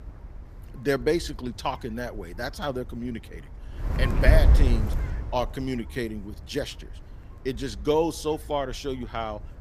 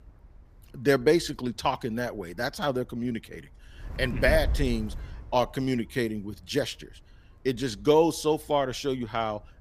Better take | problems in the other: second | wind noise on the microphone; heavy; 8 dB below the speech; occasional gusts in the second

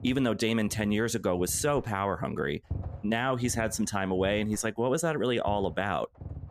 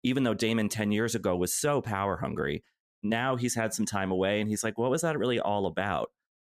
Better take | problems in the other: second | low rumble; faint; throughout; 25 dB below the speech

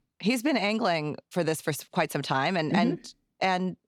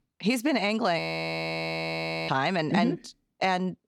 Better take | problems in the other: first | audio freezing; at 1 s for 1.5 s

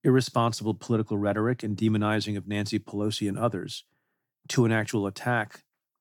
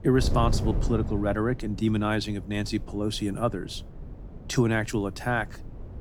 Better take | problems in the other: first | wind noise on the microphone; occasional gusts; 15 dB below the speech

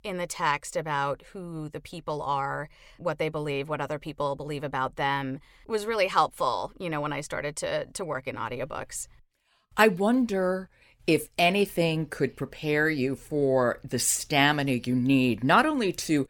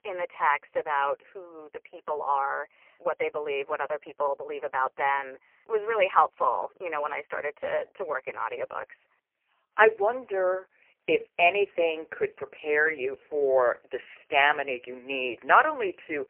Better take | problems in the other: first | phone-call audio; poor line; nothing above 3 kHz

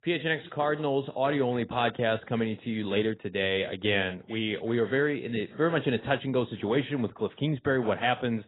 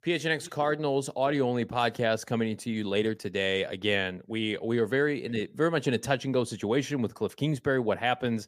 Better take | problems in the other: second | garbled, watery; badly; nothing above 4 kHz

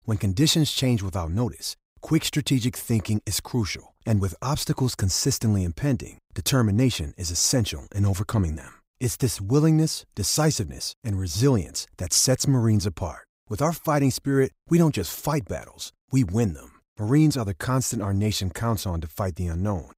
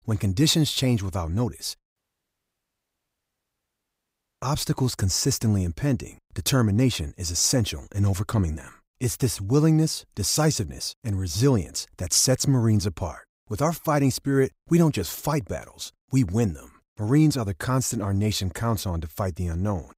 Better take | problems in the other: first | audio cutting out; at 2 s for 2.5 s

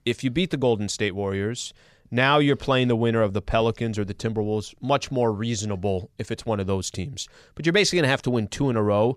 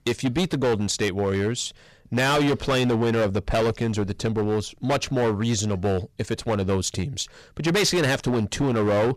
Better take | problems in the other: first | distortion; heavy; 16% of the sound clipped

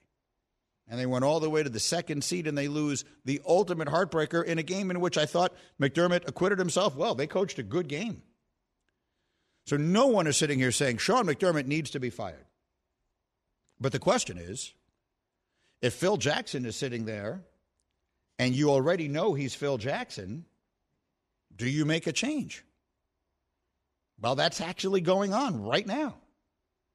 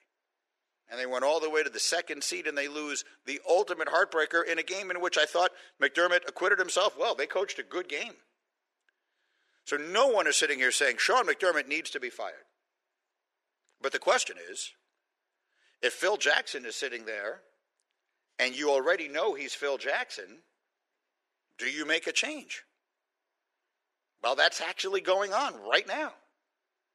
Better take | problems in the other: first | thin; very; fading below 400 Hz

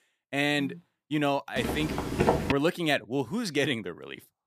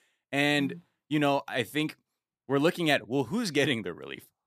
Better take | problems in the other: second | footsteps; loud; at 1.5 s; peak 3 dB above the speech

